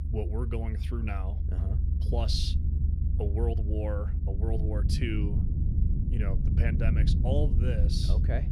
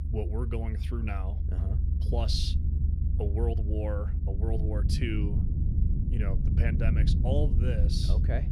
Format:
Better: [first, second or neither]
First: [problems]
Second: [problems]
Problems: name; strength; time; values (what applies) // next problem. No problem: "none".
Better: neither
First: low rumble; loud; throughout; 6 dB below the speech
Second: low rumble; loud; throughout; 6 dB below the speech